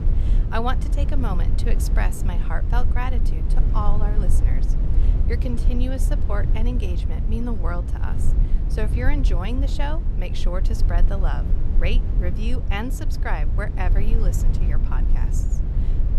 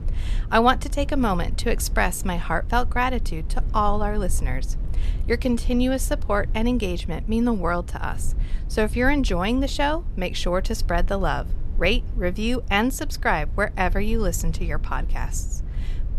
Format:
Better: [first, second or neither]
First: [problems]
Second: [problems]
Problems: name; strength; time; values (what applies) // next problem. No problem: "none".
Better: second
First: low rumble; loud; throughout; 8 dB below the speech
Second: low rumble; faint; throughout; 25 dB below the speech